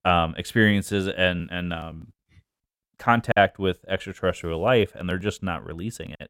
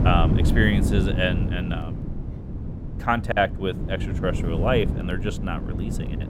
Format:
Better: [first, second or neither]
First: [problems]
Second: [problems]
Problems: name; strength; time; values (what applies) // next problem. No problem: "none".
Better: first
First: none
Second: wind noise on the microphone; heavy; 10 dB below the speech